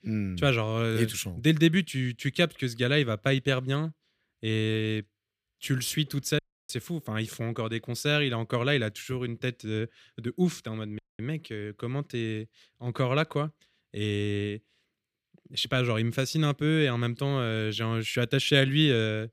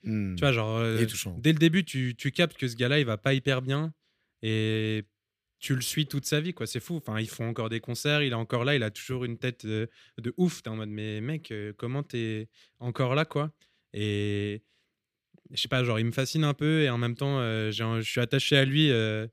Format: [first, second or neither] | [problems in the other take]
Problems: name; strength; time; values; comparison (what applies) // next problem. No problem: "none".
second | audio cutting out; at 6.5 s and at 11 s